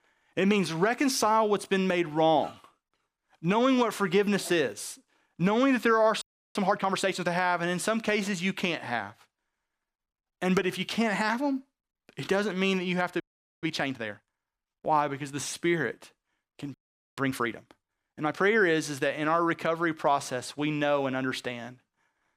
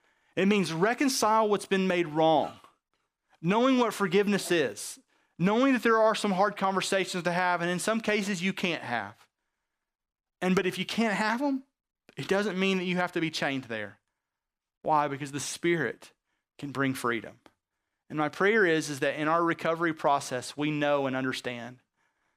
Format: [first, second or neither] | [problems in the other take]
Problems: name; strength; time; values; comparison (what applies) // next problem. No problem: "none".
second | audio freezing; at 6 s, at 13 s and at 17 s